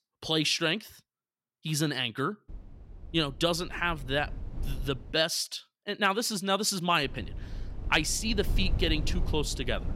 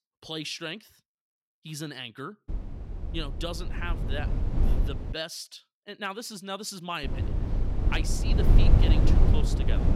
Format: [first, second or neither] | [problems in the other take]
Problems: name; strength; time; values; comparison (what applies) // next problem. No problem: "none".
first | low rumble; loud; from 2.5 to 5 s and from 7 s on; 2 dB below the speech; faint in the first